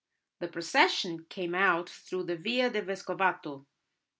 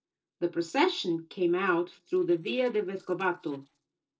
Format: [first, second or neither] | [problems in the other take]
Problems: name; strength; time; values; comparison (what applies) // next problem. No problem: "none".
first | noise reduction (neural separator model SepFormer DNS4)